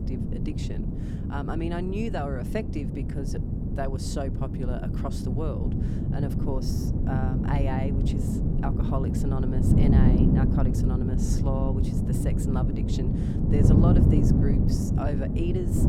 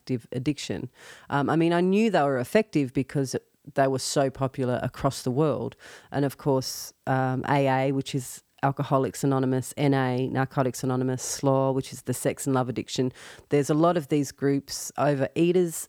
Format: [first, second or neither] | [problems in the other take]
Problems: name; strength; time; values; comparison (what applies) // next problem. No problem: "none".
second | wind noise on the microphone; heavy; 1 dB above the speech